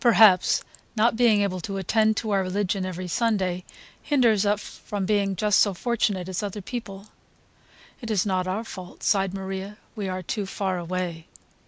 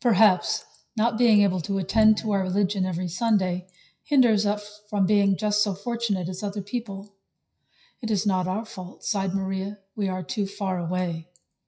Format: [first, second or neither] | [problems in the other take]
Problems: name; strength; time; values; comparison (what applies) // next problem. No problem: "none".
first | noise reduction (classical method WPE with log-MMSE)